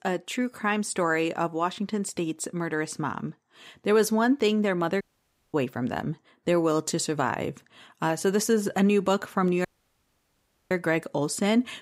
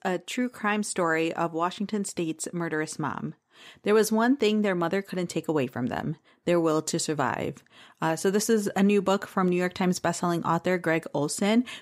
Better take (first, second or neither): second